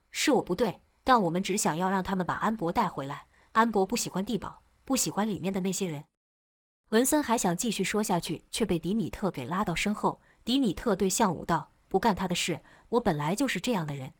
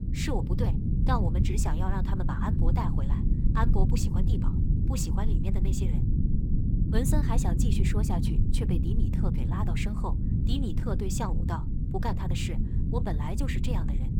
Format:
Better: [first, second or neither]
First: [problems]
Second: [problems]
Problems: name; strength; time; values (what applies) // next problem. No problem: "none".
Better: first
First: none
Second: low rumble; loud; throughout; 3 dB below the speech